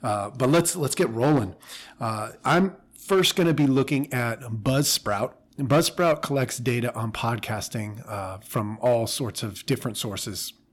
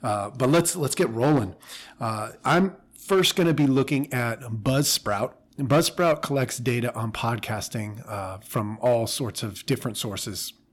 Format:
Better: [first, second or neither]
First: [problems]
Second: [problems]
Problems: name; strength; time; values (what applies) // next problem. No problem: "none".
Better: neither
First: distortion; slight; 3% of the sound clipped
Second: distortion; slight; 3% of the sound clipped